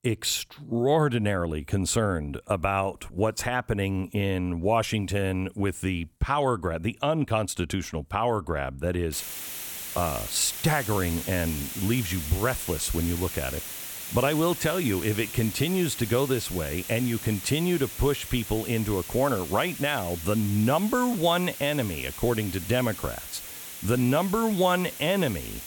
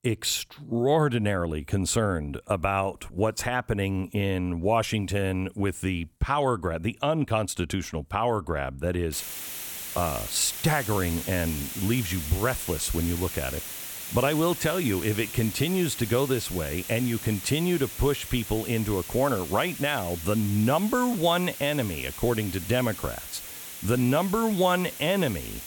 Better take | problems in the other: neither | hiss; loud; from 9 s on; 8 dB below the speech; the same in both

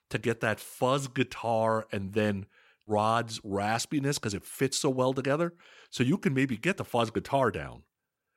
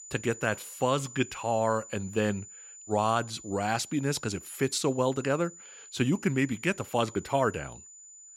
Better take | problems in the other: first | high-pitched whine; noticeable; throughout; 7 kHz, 15 dB below the speech

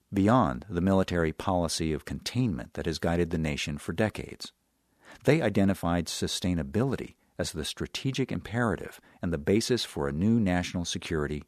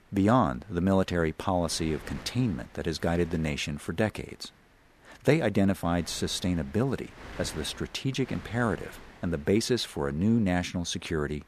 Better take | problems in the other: first | wind noise on the microphone; occasional gusts; 20 dB below the speech

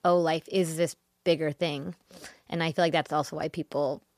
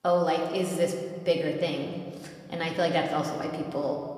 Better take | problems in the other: first | room echo; slight; dies away in 1.6 s // off-mic speech; somewhat distant

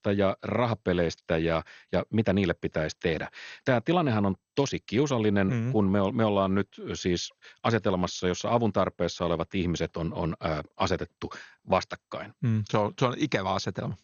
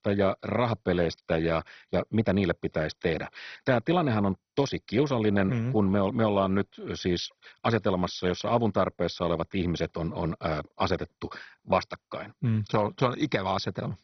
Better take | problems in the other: first | garbled, watery; badly; nothing above 6 kHz; slightly in the first

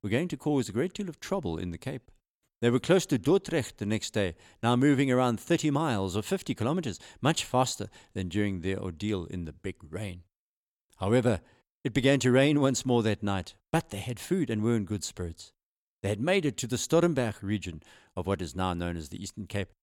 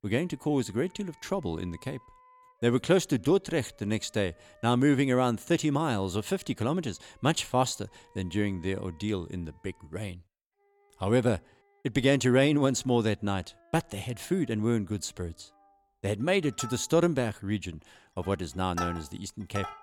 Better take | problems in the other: first | background music; noticeable; throughout; 15 dB below the speech

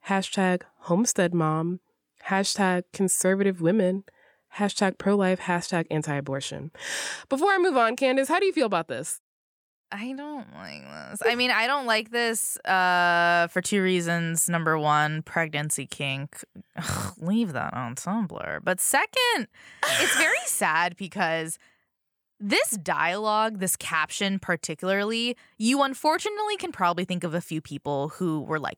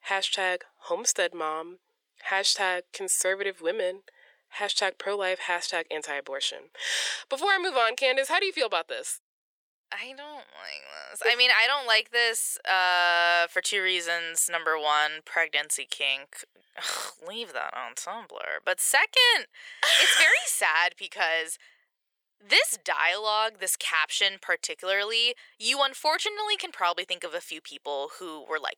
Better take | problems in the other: first | thin; very; fading below 450 Hz

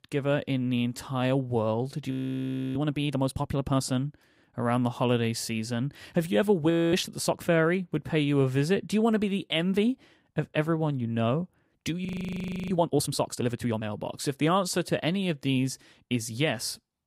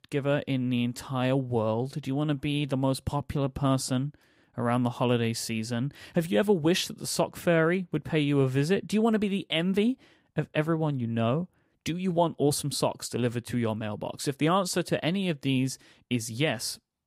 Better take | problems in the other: second | audio freezing; at 2 s for 0.5 s, at 6.5 s and at 12 s for 0.5 s

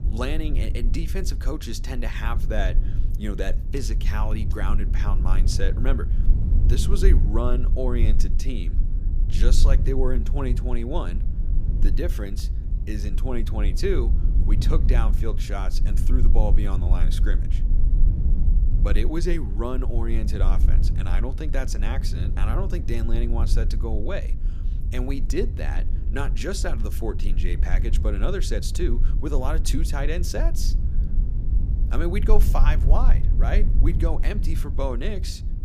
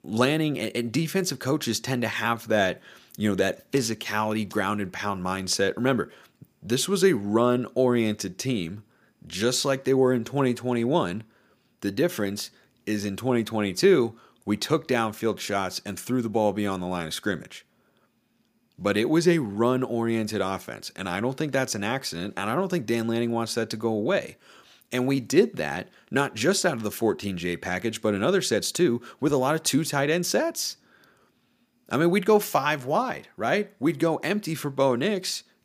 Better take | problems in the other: second | low rumble; loud; throughout; 10 dB below the speech

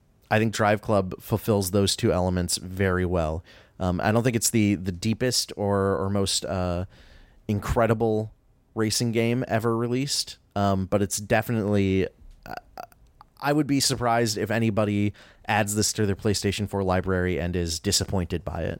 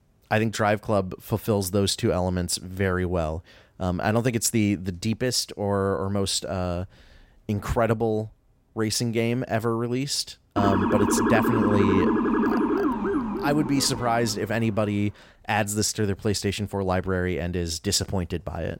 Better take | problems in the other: first | siren; loud; from 11 to 14 s; peak 3 dB above the speech

